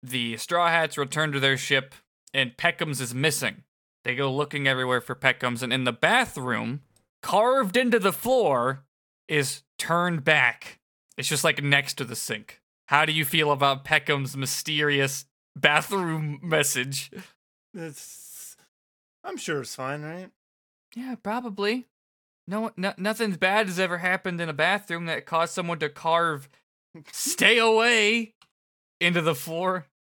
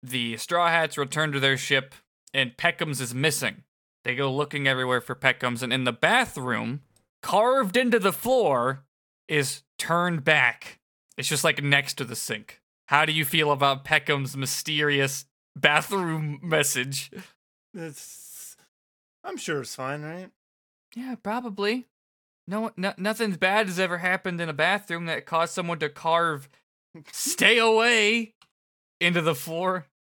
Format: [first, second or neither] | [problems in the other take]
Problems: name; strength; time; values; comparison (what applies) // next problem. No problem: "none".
neither | none